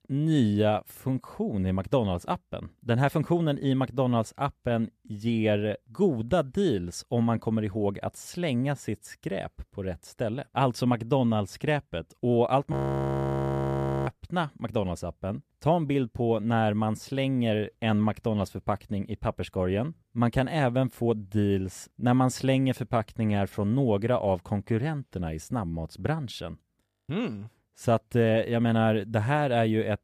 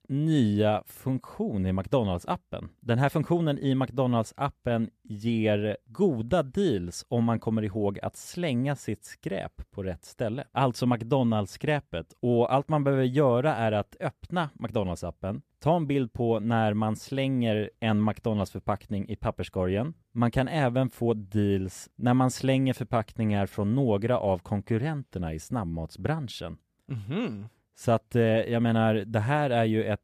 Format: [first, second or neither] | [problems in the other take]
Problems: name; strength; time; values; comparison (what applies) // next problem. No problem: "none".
second | audio freezing; at 13 s for 1.5 s and at 27 s